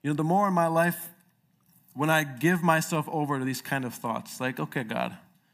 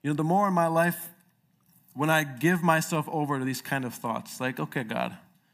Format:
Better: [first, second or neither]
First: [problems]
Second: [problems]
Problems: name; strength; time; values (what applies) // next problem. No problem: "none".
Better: neither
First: none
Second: none